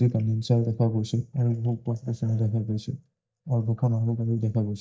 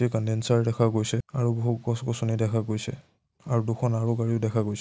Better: second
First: noise reduction (neural mask model DeepFilterNet 3)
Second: none

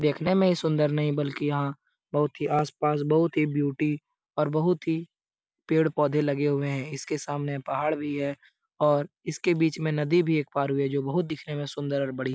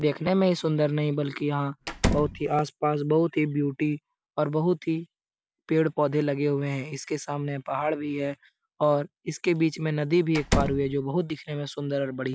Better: first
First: none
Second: background sound (Slam); 2 dB below the speech

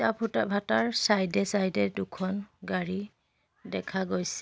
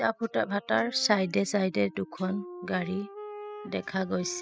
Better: first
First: none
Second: noise reduction (classical method spectral subtraction)

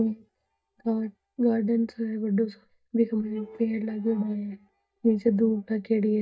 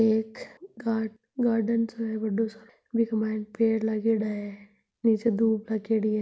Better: second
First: noise reduction (neural mask model DeepFilterNet 3)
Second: none

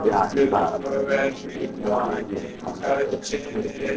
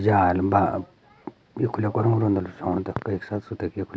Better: second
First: noise reduction (neural separator model SepFormer DNS4)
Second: none

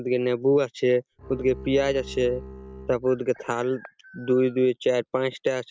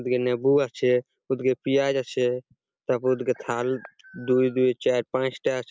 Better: second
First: background sound (Bowed string instrument); 15 dB below the speech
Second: none

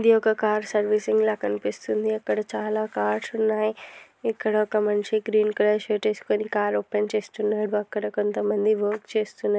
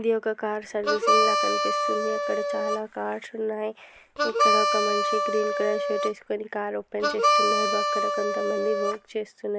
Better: first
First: none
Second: background sound (Harmonica); 4 dB above the speech

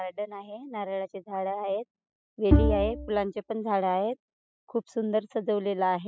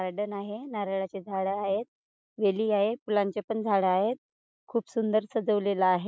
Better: second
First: noise reduction (classical method spectral subtraction)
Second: none

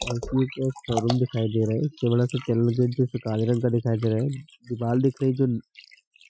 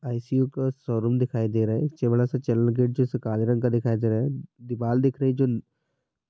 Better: second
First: noise reduction (classical method Wiener filter)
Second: none

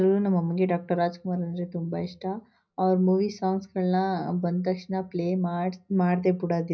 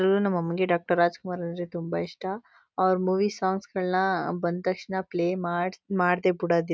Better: second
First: room echo; dies away in 0.5 s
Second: none

